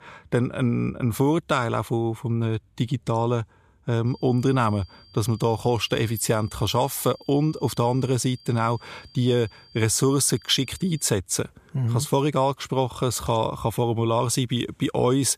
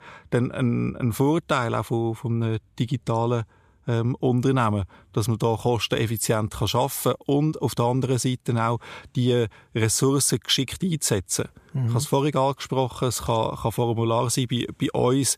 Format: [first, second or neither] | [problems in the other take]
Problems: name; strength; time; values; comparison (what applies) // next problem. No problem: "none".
second | high-pitched whine; faint; from 4 to 11 s; 4.5 kHz, 25 dB below the speech